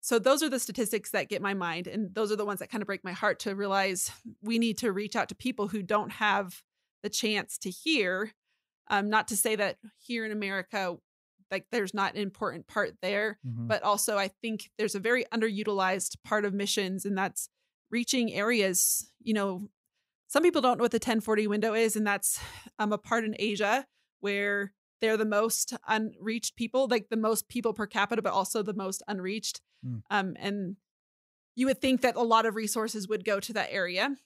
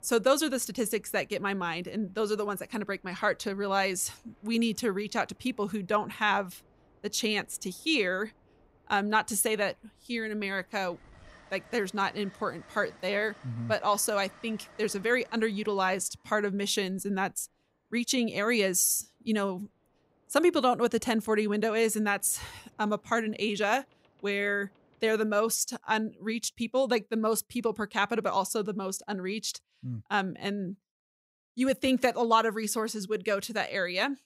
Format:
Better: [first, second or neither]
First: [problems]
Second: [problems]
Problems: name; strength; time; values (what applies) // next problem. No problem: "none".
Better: first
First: none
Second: train or aircraft noise; faint; until 25 s; 30 dB below the speech